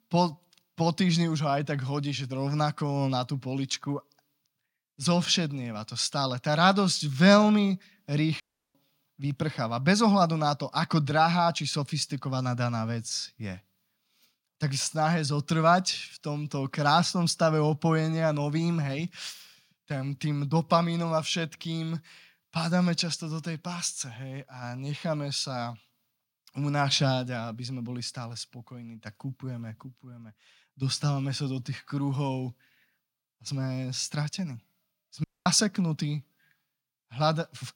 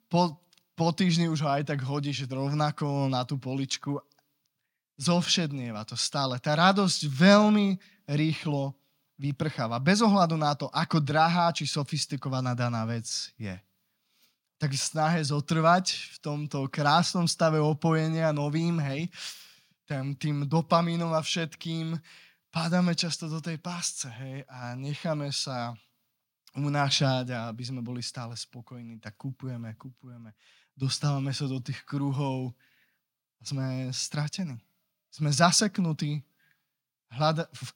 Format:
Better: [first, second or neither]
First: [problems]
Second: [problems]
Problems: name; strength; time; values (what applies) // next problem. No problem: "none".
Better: second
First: audio cutting out; at 8.5 s and at 35 s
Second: none